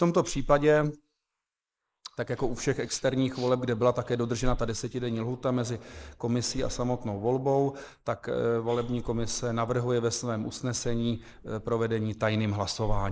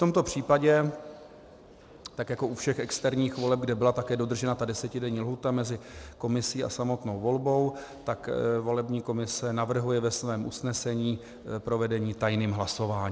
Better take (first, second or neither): second